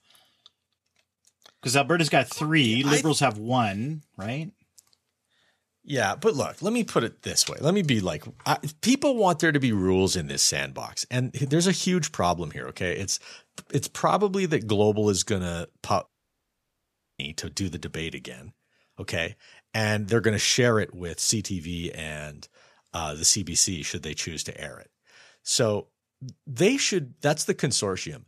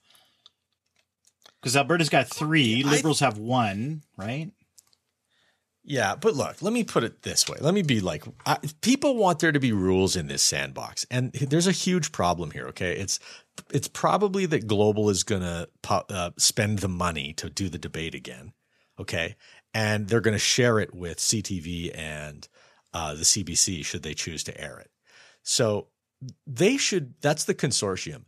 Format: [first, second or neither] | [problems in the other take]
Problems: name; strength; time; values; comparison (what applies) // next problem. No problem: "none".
second | audio cutting out; at 16 s for 1 s